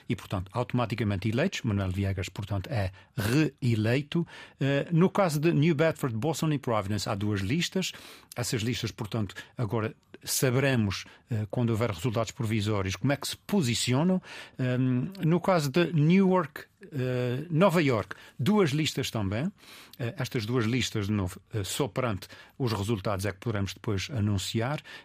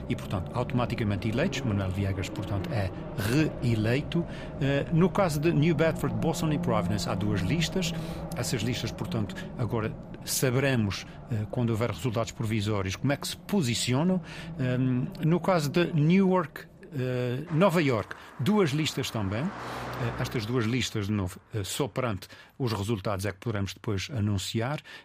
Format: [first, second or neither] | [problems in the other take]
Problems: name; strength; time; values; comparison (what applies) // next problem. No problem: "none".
first | traffic noise; loud; throughout; 10 dB below the speech